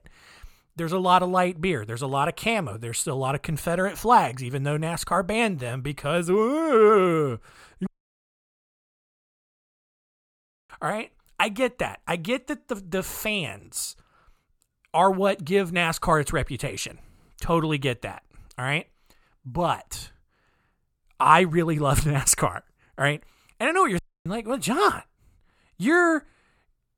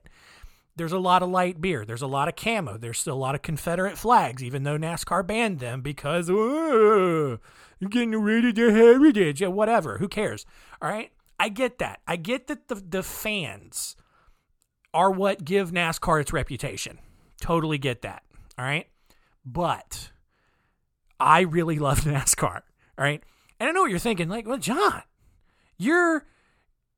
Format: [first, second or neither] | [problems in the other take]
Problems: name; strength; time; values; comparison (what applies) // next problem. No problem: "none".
second | audio cutting out; at 8 s for 3 s and at 24 s